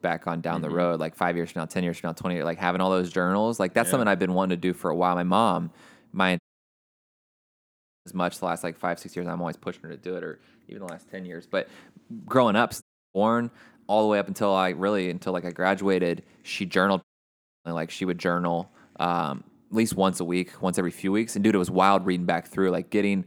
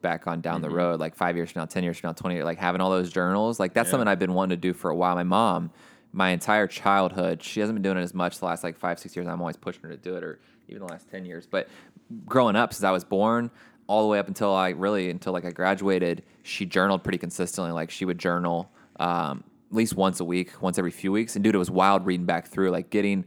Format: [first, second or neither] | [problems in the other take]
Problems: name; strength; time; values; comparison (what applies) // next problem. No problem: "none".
second | audio cutting out; at 6.5 s for 1.5 s, at 13 s and at 17 s for 0.5 s